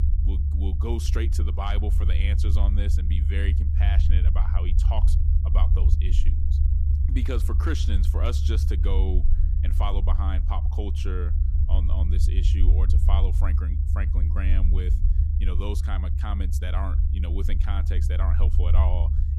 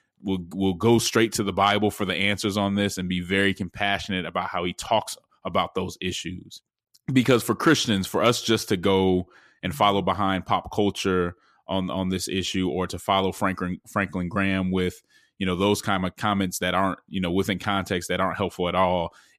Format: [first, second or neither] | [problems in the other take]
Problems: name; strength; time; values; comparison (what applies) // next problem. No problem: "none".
second | low rumble; loud; throughout; 5 dB below the speech